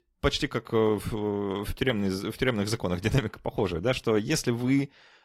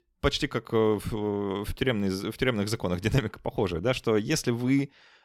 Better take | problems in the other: second | garbled, watery; slightly

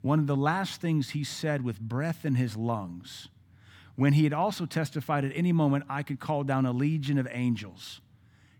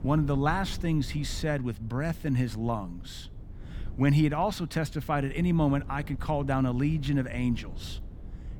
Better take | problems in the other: first | wind noise on the microphone; occasional gusts; 20 dB below the speech

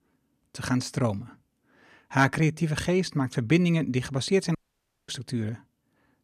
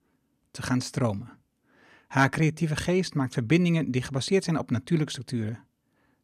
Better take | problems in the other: second | audio cutting out; at 4.5 s for 0.5 s

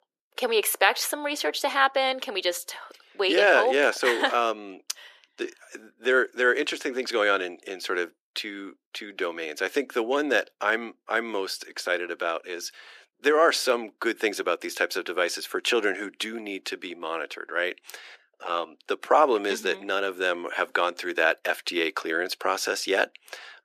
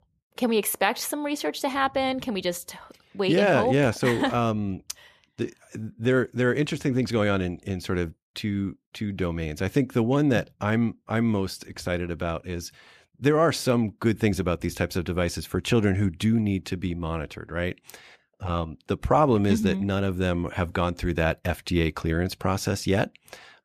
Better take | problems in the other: second | thin; very; fading below 350 Hz

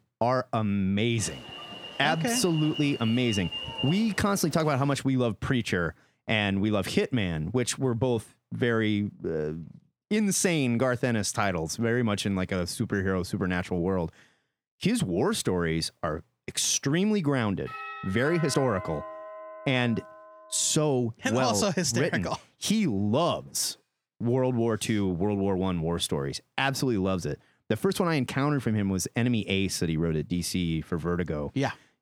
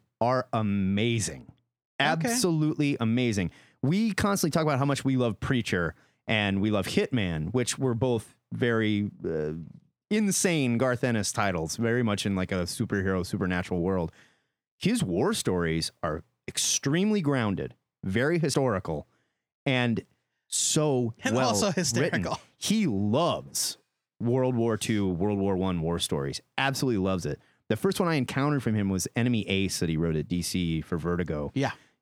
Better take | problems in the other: second | alarm; noticeable; from 1 to 5 s; peak 5 dB below the speech // doorbell; noticeable; from 18 to 21 s; peak 10 dB below the speech

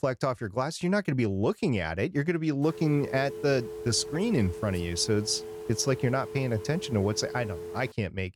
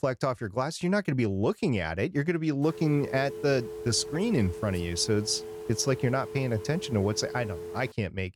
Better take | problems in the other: neither | phone ringing; noticeable; from 2.5 s on; peak 10 dB below the speech; the same in both

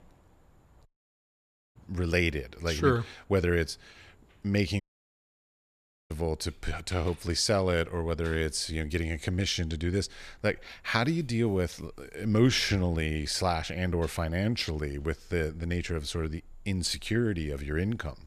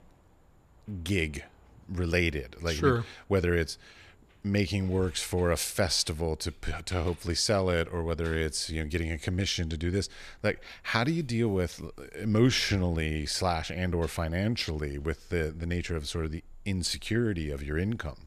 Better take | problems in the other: second | audio cutting out; at 1 s for 1 s and at 5 s for 1.5 s

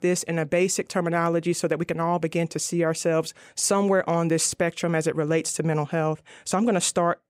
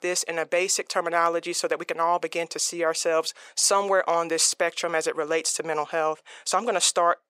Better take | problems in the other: first | thin; very; fading below 600 Hz

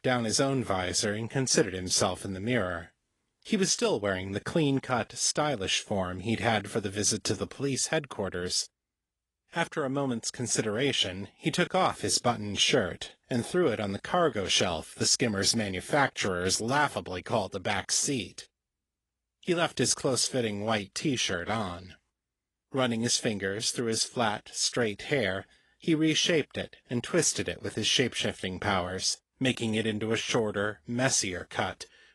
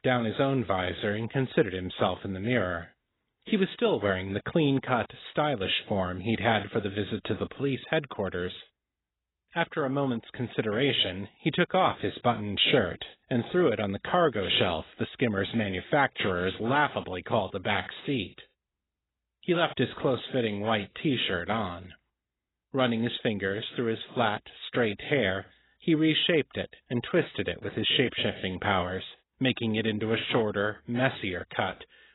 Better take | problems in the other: first | garbled, watery; badly; nothing above 4 kHz; slightly in the first

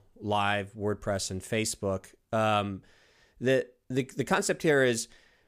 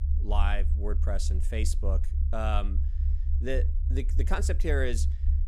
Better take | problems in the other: first | low rumble; noticeable; throughout; 15 dB below the speech

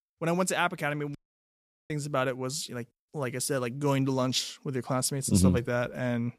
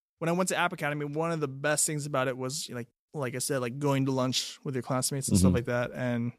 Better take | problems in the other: second | audio cutting out; at 1 s for 1 s

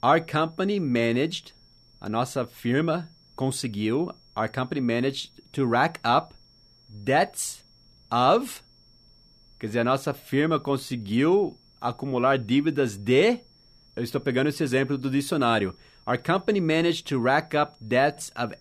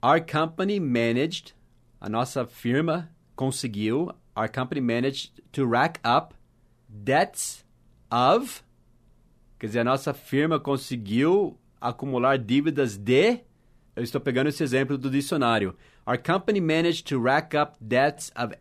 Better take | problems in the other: second | high-pitched whine; faint; throughout; 5.5 kHz, 30 dB below the speech

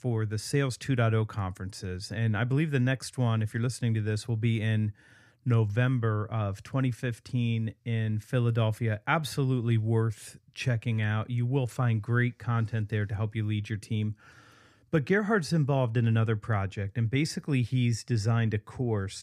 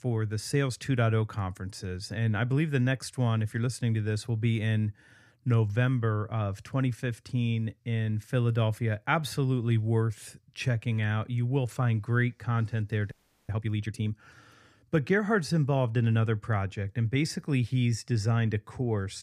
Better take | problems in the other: first | audio freezing; at 13 s

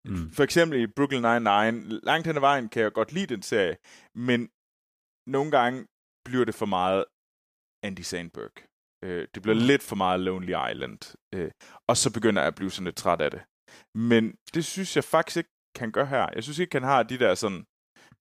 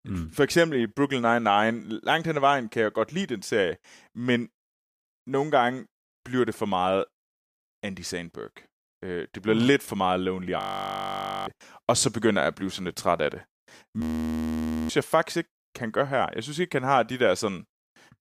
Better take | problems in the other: first | audio freezing; at 11 s for 1 s and at 14 s for 1 s

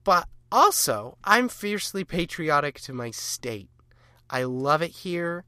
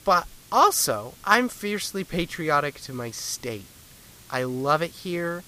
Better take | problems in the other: first | hiss; faint; throughout; 25 dB below the speech

